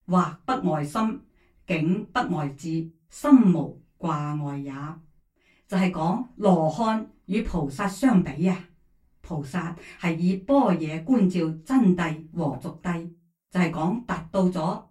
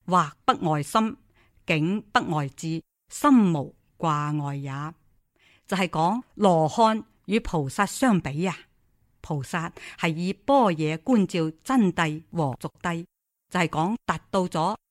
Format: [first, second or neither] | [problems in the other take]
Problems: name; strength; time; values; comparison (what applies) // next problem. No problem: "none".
second | off-mic speech; far // room echo; very slight; dies away in 0.2 s